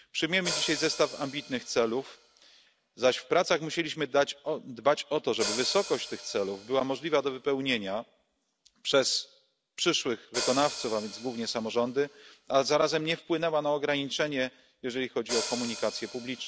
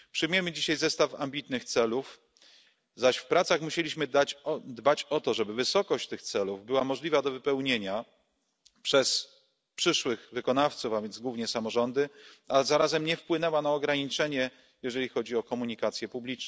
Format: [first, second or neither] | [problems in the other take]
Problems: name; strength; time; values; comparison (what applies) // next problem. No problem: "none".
second | background sound (Hi-hat); 12 dB below the speech